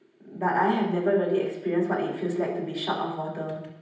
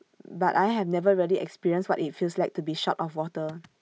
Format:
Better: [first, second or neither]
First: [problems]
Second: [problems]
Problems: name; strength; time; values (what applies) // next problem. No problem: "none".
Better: second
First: room echo; dies away in 0.9 s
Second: none